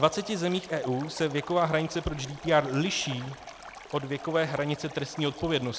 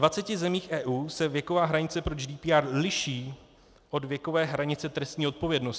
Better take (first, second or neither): second